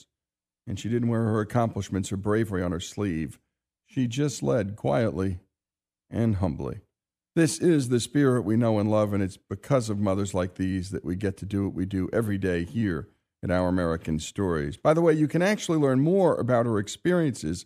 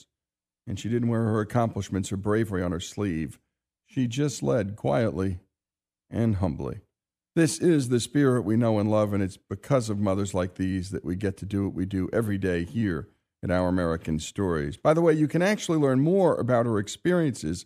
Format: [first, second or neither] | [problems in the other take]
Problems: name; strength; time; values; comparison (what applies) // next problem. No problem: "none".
neither | none